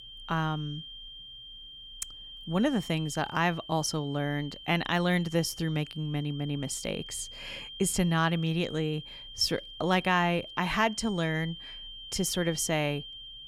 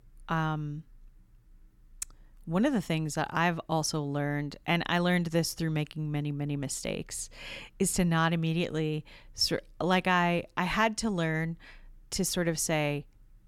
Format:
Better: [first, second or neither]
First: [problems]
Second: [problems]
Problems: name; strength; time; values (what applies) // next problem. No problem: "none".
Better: second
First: high-pitched whine; noticeable; throughout; 3 kHz, 15 dB below the speech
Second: none